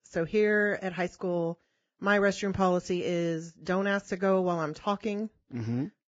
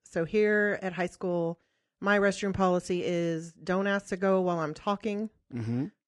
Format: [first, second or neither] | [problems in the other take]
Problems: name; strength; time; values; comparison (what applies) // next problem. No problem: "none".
second | garbled, watery; badly; nothing above 7.5 kHz; slightly in the second